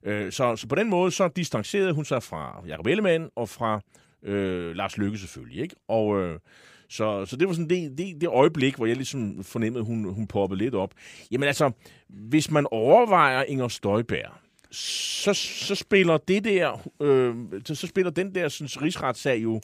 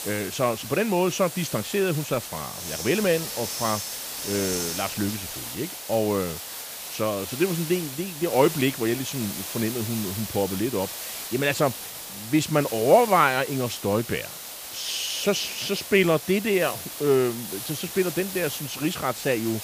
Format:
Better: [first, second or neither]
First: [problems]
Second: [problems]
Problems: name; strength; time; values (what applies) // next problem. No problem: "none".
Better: first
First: none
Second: hiss; loud; throughout; 7 dB below the speech